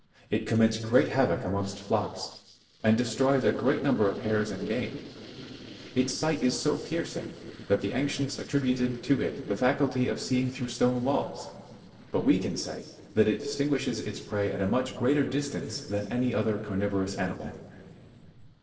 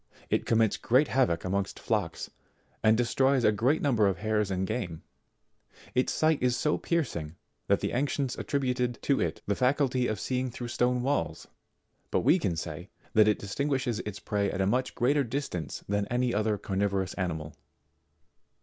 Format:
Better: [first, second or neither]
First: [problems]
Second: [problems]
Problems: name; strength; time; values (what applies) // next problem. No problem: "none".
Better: second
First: noise reduction (neural separator model SepFormer DNS4)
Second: none